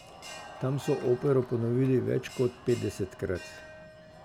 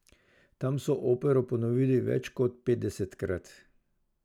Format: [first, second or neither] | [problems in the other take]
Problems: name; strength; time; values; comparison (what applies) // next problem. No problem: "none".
second | background sound (Crowd + Bell); 17 dB below the speech